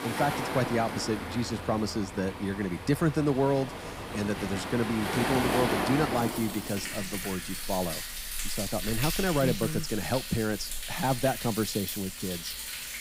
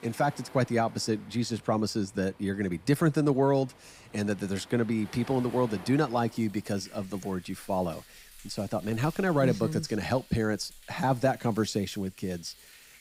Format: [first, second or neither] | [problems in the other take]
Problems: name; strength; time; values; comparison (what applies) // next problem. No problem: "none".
second | rain or running water; loud; throughout; 4 dB below the speech; faint in the second